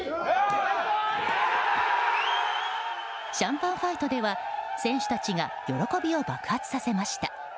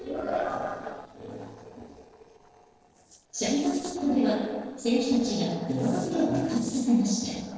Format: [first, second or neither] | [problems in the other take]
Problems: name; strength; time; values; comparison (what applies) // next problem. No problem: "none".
first | noise reduction (neural separator model SepFormer DNS4)